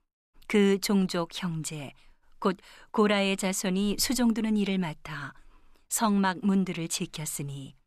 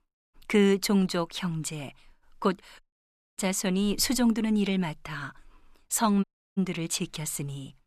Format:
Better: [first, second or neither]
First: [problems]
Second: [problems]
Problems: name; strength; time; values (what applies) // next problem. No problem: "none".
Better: first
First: none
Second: audio cutting out; at 3 s for 0.5 s and at 6 s